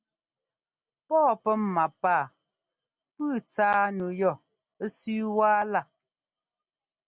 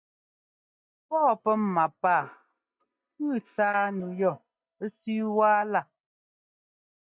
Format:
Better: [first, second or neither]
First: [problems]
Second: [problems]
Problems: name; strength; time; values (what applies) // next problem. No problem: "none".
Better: first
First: none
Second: noise reduction (neural mask model DeepFilterNet 3)